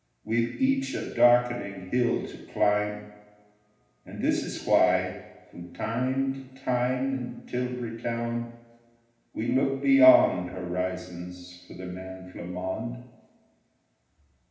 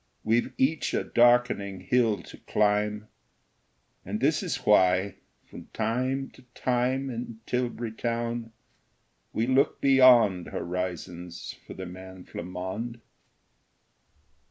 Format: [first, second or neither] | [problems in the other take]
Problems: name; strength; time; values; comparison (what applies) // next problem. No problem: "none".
second | room echo; dies away in 0.9 s